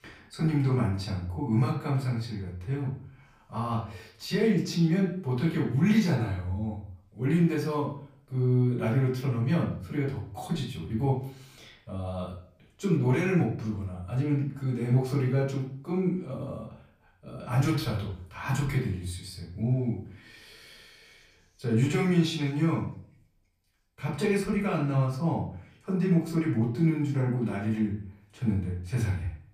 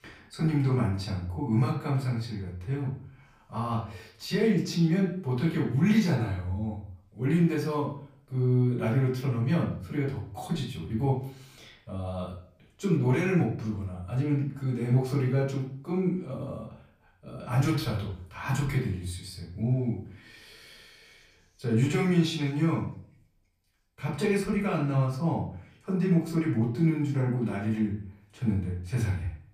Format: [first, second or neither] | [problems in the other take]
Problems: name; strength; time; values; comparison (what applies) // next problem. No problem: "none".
neither | off-mic speech; far; the same in both // room echo; slight; dies away in 0.5 s; the same in both